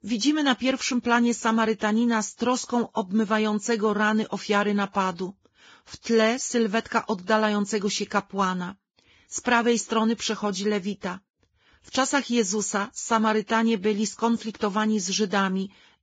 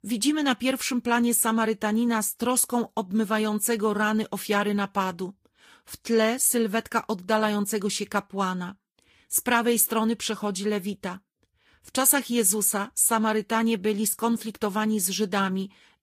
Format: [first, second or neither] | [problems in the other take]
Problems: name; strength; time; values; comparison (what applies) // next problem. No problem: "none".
second | garbled, watery; badly; nothing above 7.5 kHz; slightly in the second